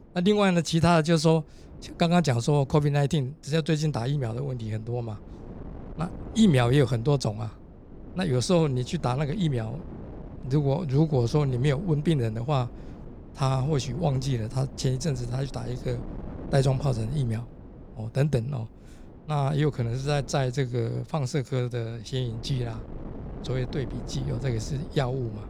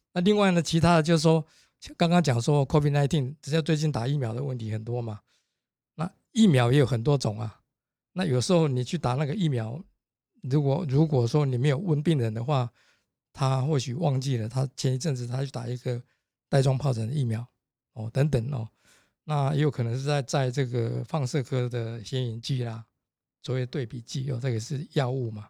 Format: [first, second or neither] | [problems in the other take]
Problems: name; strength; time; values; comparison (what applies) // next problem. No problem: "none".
second | wind noise on the microphone; occasional gusts; 20 dB below the speech